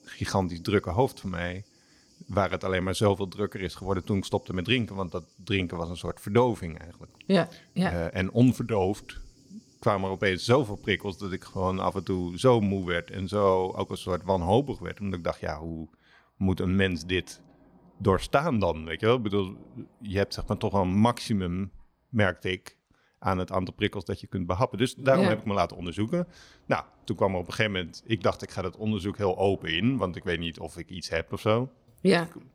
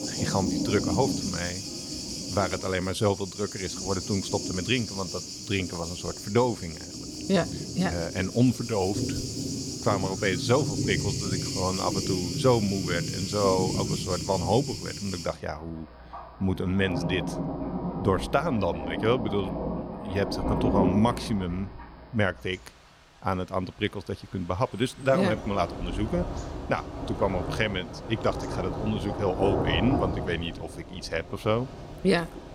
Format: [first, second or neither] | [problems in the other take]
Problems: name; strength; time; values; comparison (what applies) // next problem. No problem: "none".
first | rain or running water; loud; throughout; 3 dB below the speech; faint in the first